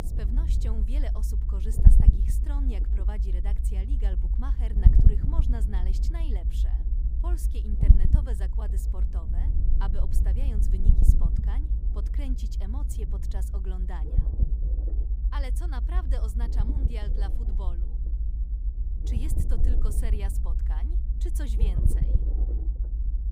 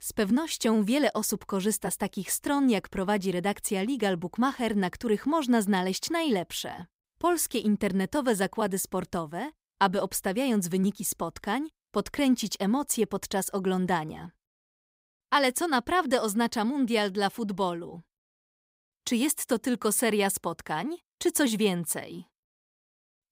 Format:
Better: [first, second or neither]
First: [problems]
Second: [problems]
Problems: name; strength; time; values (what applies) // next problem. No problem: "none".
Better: second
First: low rumble; loud; throughout; 1 dB below the speech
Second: none